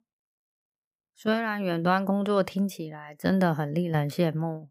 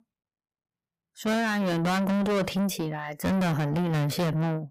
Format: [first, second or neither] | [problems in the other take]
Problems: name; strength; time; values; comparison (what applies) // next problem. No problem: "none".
first | distortion; heavy; 5 dB below the speech